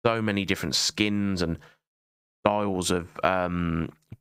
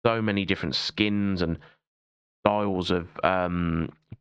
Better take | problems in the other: first | muffled; very slightly; fading above 4 kHz

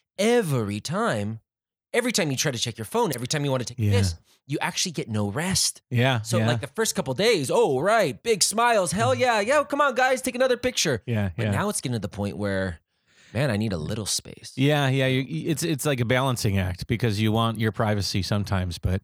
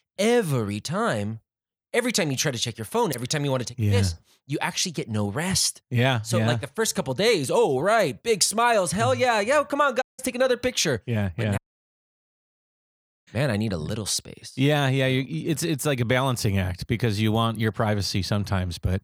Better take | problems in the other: first | audio cutting out; at 10 s and at 12 s for 1.5 s

